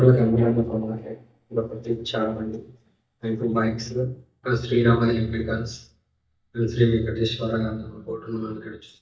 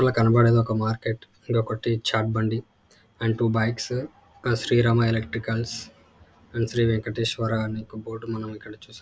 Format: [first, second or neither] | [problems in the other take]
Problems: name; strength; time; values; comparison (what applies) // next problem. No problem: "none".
second | noise reduction (neural mask model DeepFilterNet 3)